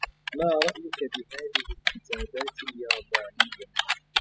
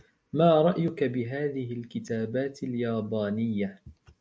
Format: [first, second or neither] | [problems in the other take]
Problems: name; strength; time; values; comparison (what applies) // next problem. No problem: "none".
second | noise reduction (classical method spectral subtraction)